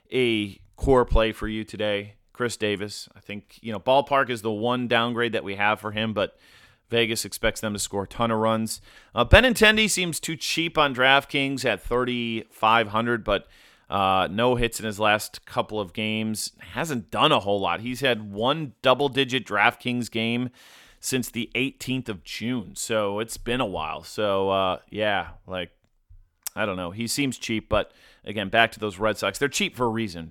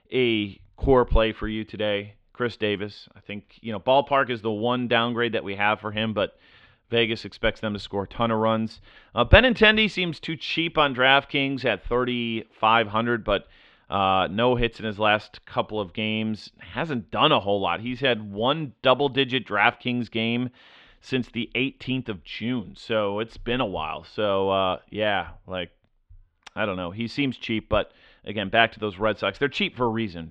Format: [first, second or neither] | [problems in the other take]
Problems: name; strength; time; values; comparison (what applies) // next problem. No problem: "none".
first | muffled; slightly; fading above 3.5 kHz